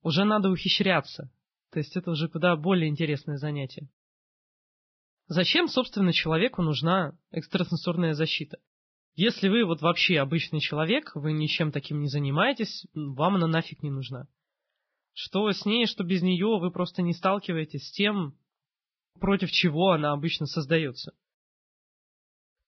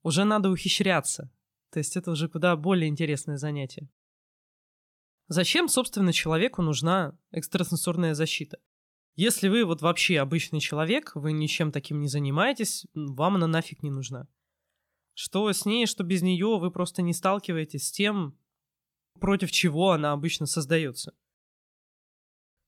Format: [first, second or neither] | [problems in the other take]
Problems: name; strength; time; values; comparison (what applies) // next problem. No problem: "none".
second | garbled, watery; badly; nothing above 5.5 kHz